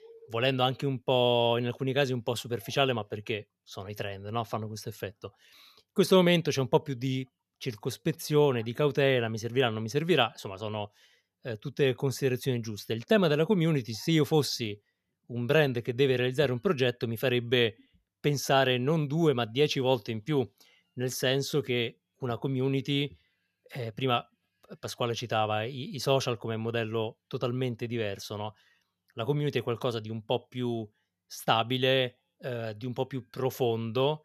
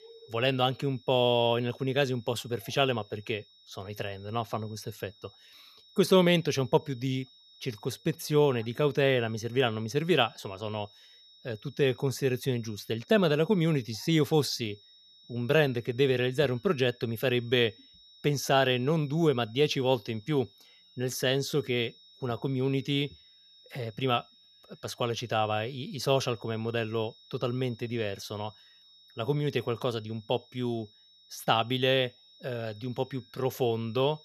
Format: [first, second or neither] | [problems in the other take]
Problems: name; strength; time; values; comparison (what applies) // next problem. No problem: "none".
first | high-pitched whine; faint; throughout; 4 kHz, 25 dB below the speech